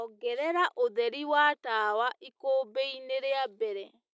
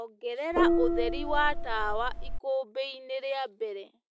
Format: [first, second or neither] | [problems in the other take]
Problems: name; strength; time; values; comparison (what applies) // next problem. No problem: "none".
first | background sound (Gong); 5 dB above the speech